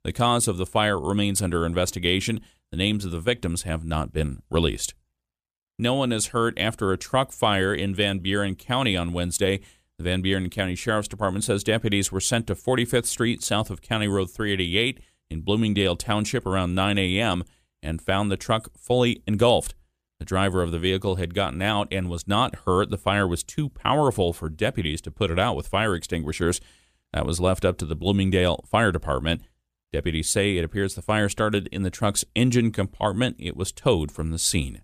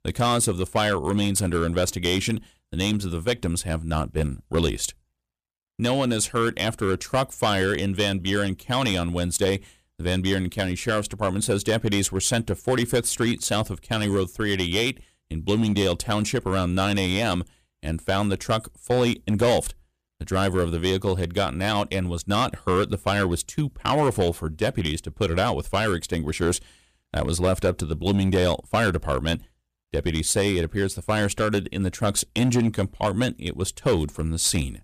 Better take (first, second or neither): first